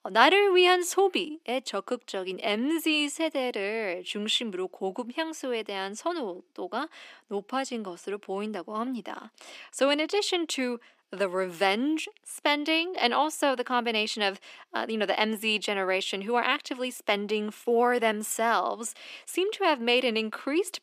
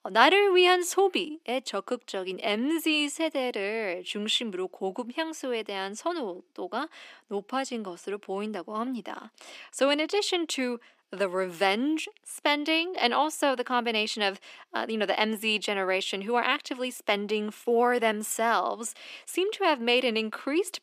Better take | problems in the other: neither | thin; somewhat; fading below 300 Hz; the same in both

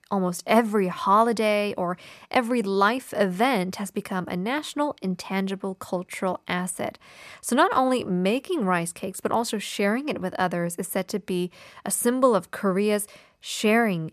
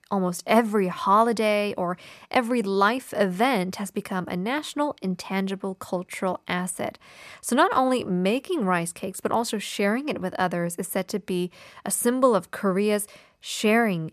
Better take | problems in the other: neither | none

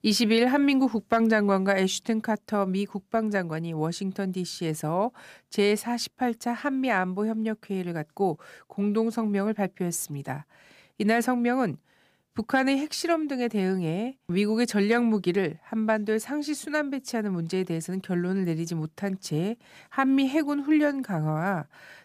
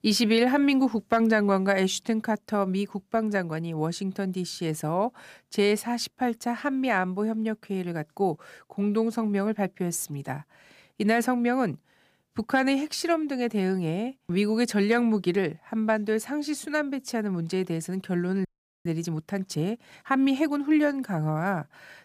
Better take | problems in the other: first | audio freezing; at 18 s

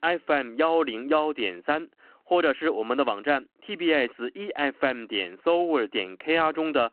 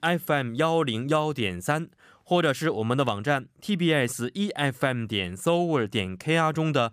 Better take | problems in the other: second | phone-call audio

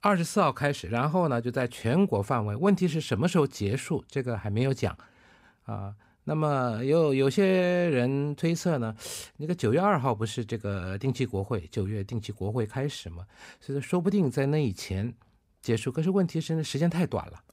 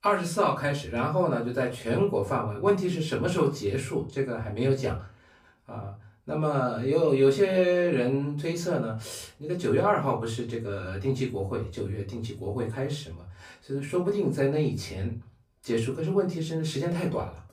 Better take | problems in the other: first | off-mic speech; far // room echo; very slight; dies away in 0.3 s

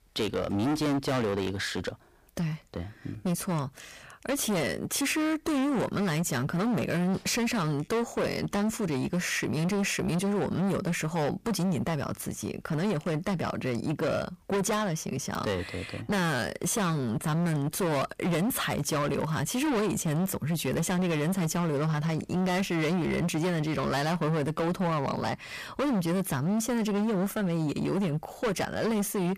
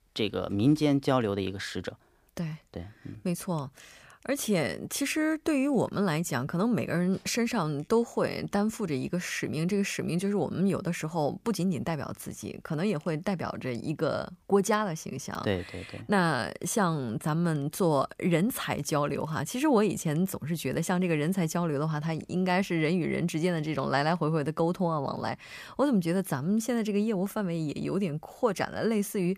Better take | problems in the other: second | distortion; heavy; 25% of the sound clipped

